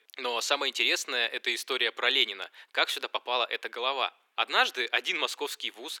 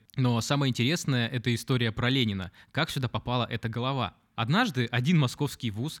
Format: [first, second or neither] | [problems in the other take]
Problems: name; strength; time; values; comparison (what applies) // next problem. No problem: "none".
second | thin; very; fading below 400 Hz